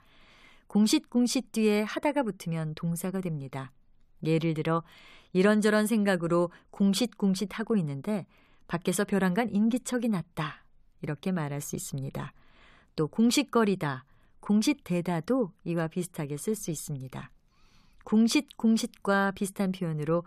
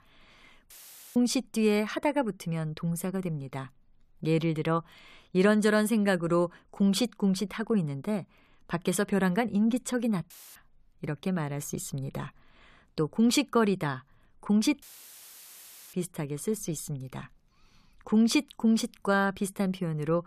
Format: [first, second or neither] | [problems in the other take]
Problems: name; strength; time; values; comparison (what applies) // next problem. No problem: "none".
first | audio cutting out; filled with static; at 0.5 s, at 10 s and at 15 s for 1 s